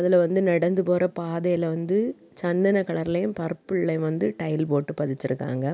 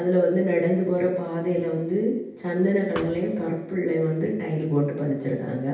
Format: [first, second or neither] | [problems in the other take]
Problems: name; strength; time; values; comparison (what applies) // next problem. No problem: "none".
first | background sound (Thump, thud); 14 dB below the speech // room echo; dies away in 0.9 s